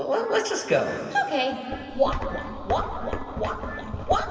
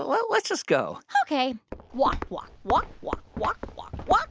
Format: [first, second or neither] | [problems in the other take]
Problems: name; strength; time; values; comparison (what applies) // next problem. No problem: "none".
second | background sound (Glass); 16 dB below the speech // room echo; dies away in 2.5 s